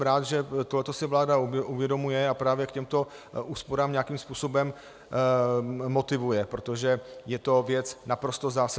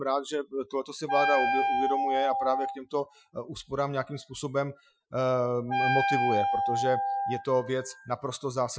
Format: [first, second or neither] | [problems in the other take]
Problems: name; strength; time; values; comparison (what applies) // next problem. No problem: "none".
first | noise reduction (classical method Wiener filter)